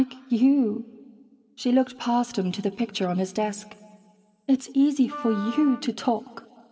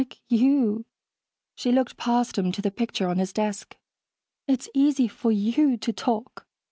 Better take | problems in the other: second | background sound (Wind instrument, woodwind instrument); 14 dB below the speech // room echo; dies away in 1.8 s

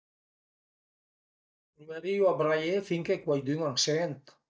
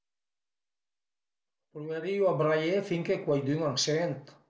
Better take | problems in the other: second | noise reduction (neural mask model DeepFilterNet 3)

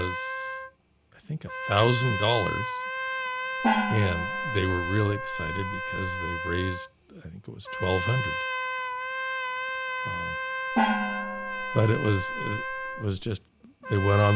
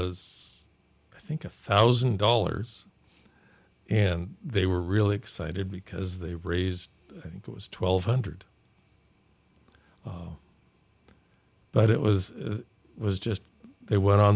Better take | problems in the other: second | background sound (Trumpet + Gong); 2 dB below the speech

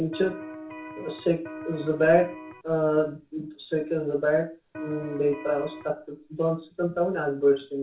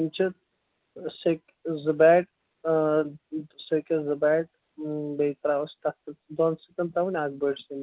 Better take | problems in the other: second | background sound (Electric guitar); 13 dB below the speech // room echo; dies away in 0.3 s

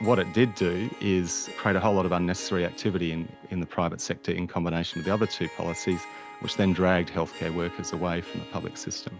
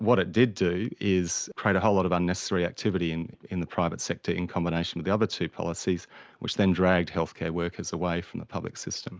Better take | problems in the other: second | background sound (Harp); 16 dB below the speech

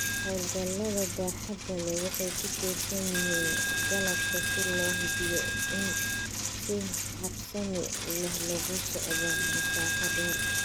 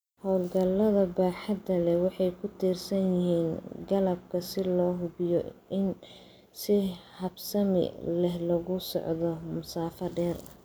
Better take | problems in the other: second | background sound (Coin (dropping)); 4 dB above the speech

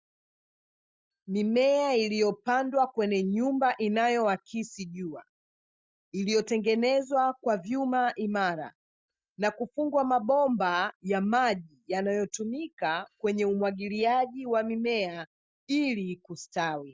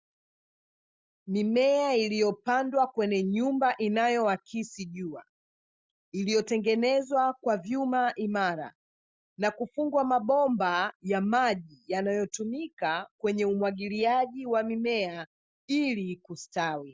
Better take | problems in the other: second | noise reduction (neural mask model DeepFilterNet 3)

